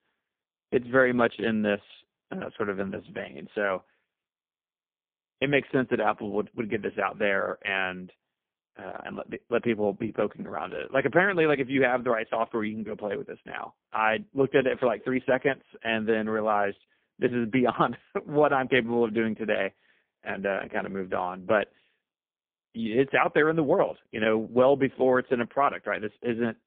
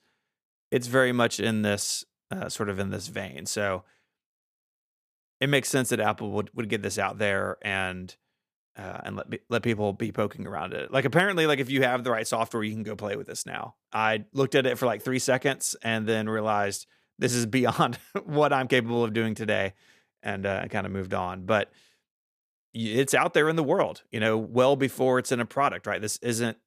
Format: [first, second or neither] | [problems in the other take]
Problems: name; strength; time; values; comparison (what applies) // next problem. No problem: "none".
second | phone-call audio; poor line; nothing above 3.5 kHz